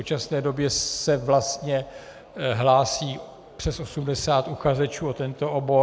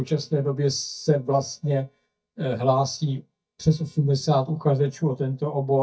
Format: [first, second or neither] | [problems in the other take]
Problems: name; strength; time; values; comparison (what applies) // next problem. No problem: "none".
first | noise reduction (neural mask model DeepFilterNet 3)